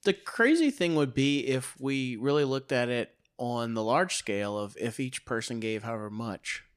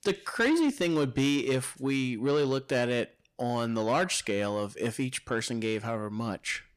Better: first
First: none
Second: distortion; slight; 10 dB below the speech

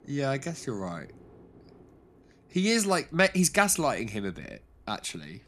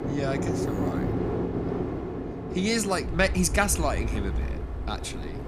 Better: first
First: train or aircraft noise; faint; throughout; 30 dB below the speech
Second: train or aircraft noise; loud; throughout; 3 dB below the speech

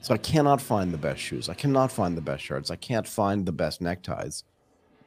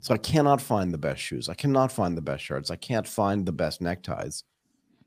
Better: second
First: household noises; faint; throughout; 25 dB below the speech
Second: none

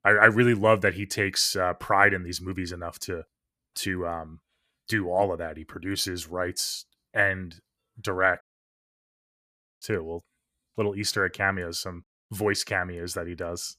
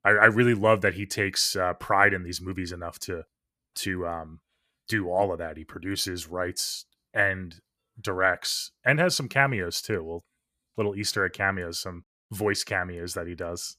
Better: second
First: audio cutting out; at 8.5 s for 1.5 s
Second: none

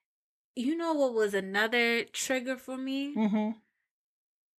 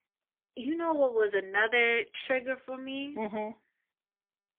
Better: first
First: none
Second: phone-call audio; poor line; nothing above 3.5 kHz

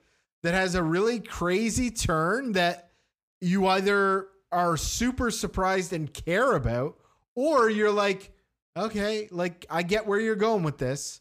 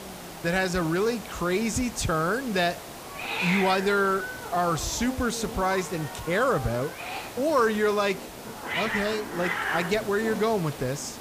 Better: first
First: none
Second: hiss; loud; throughout; 7 dB below the speech

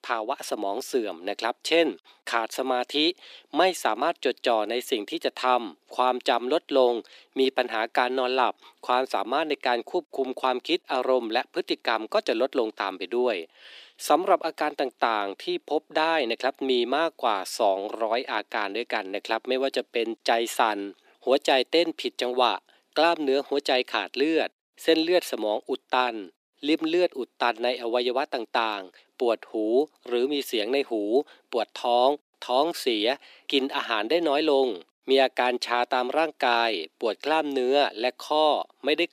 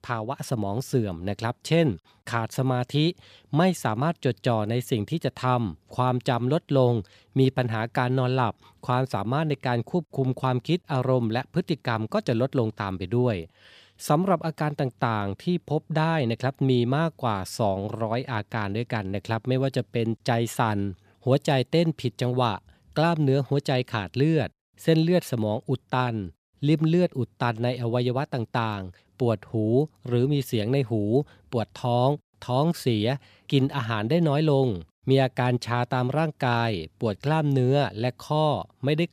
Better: second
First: thin; very; fading below 300 Hz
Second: none

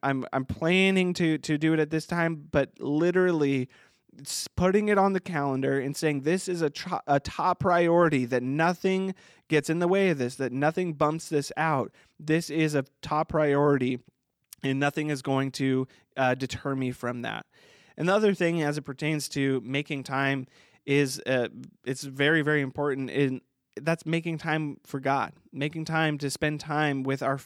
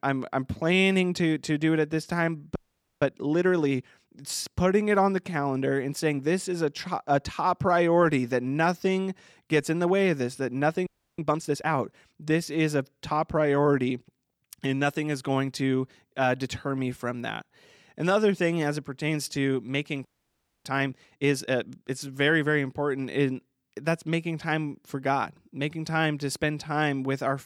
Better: first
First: none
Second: audio freezing; at 2.5 s, at 11 s and at 20 s for 0.5 s

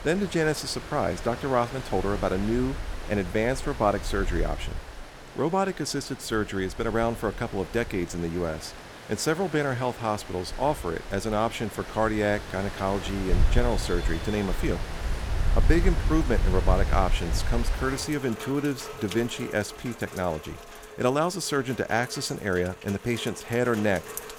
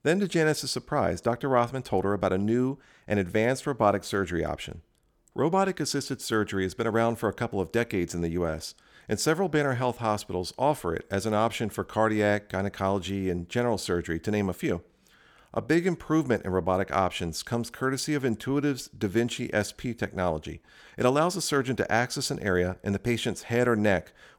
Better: second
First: rain or running water; loud; throughout; 7 dB below the speech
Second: none

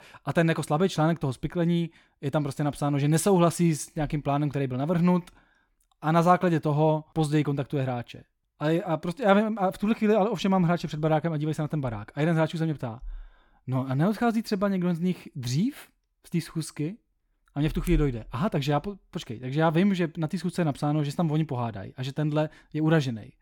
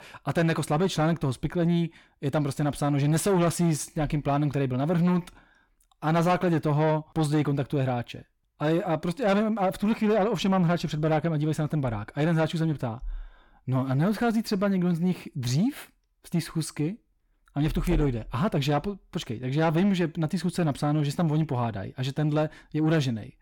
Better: first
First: none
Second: distortion; slight; 10 dB below the speech

